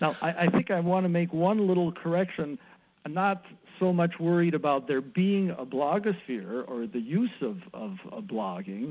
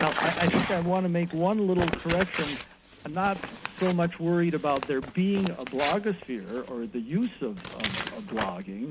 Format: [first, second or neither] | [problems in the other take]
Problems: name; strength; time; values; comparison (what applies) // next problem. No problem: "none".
first | background sound (Crumpling, crinkling / Tearing); 8 dB below the speech